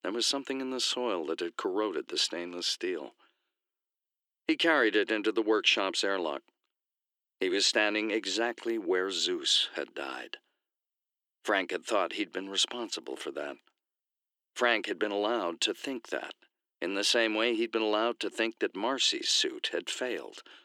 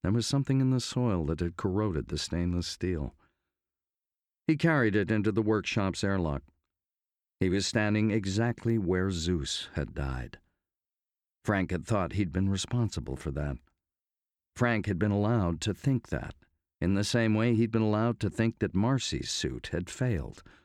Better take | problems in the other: second | thin; very; fading below 350 Hz

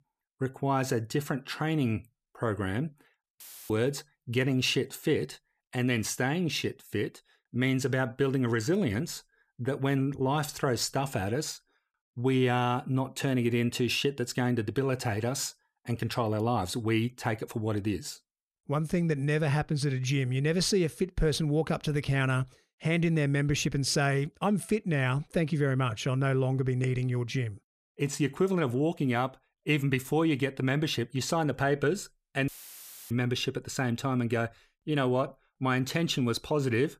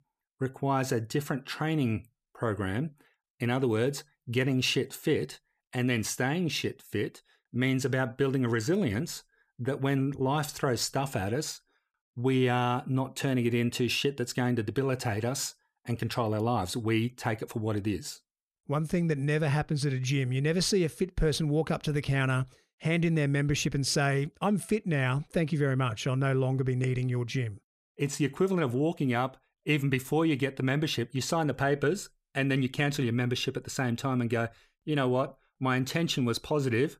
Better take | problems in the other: second | audio cutting out; filled with static; at 3.5 s and at 32 s for 0.5 s

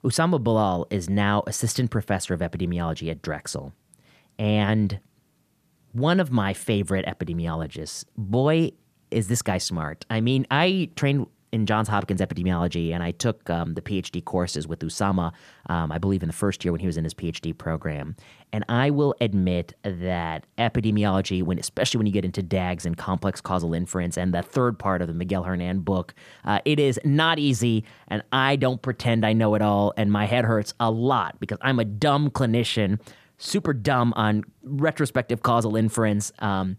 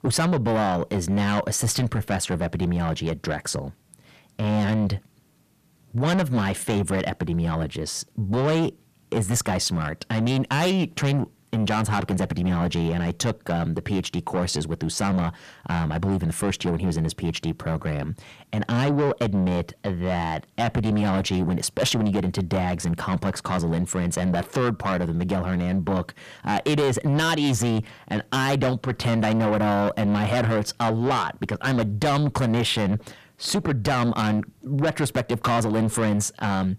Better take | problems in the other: first | distortion; heavy; 7 dB below the speech

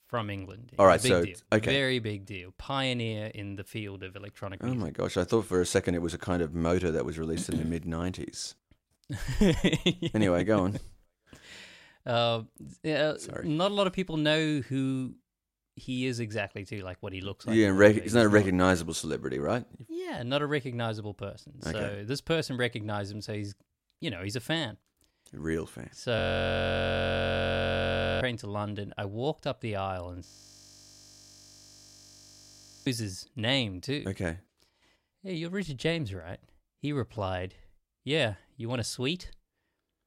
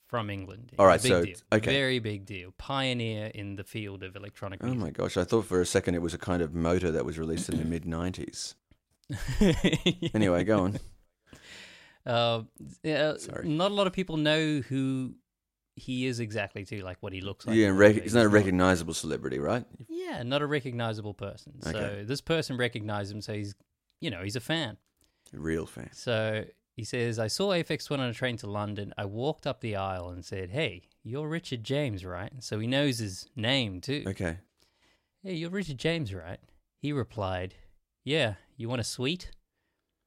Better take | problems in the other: second | audio freezing; at 26 s for 2 s and at 30 s for 2.5 s

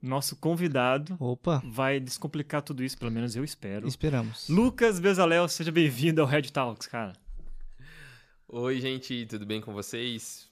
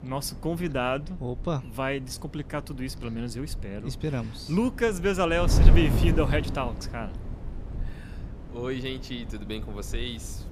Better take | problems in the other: first | wind noise on the microphone; occasional gusts; 10 dB below the speech

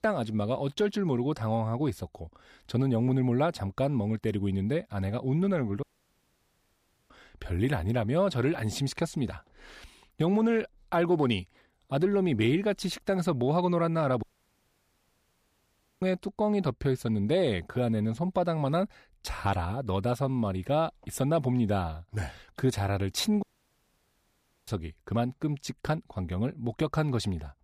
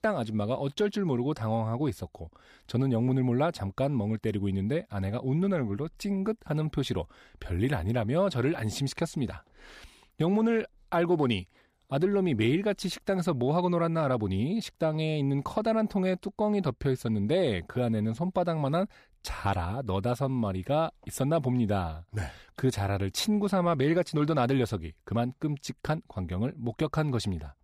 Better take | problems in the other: second | audio cutting out; at 6 s for 1.5 s, at 14 s for 2 s and at 23 s for 1 s

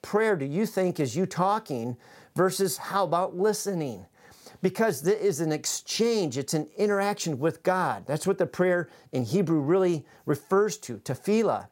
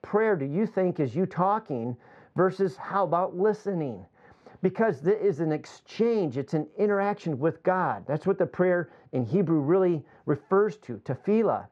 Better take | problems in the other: first | muffled; very; fading above 2 kHz

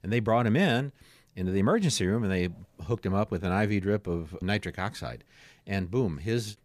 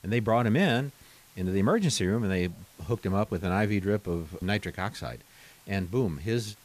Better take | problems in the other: first | hiss; faint; throughout; 25 dB below the speech

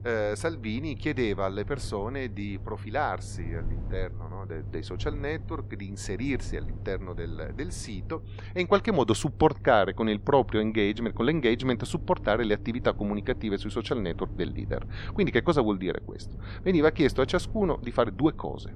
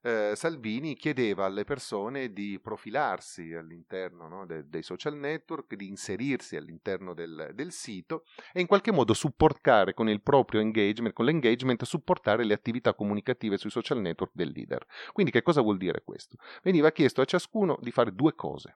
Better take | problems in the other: second | low rumble; faint; throughout; 20 dB below the speech

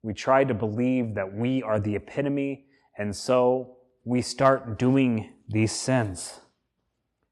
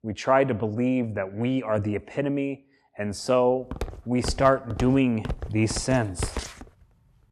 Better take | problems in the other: first | footsteps; noticeable; from 3.5 to 6.5 s; peak 7 dB below the speech

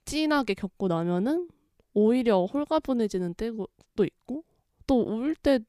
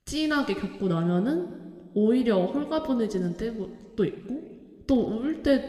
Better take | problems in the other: first | room echo; slight; dies away in 1.7 s

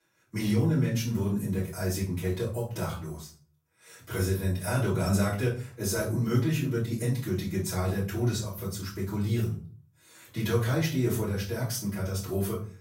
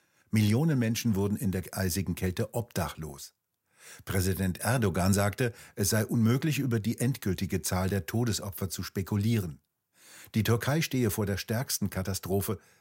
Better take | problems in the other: second | off-mic speech; far // room echo; slight; dies away in 0.4 s

